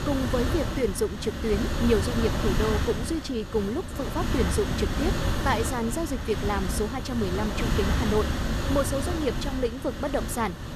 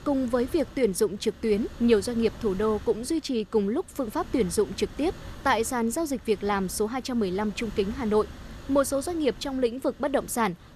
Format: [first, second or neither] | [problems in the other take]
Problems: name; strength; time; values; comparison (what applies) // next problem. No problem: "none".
second | wind noise on the microphone; heavy; 3 dB below the speech; occasional gusts in the second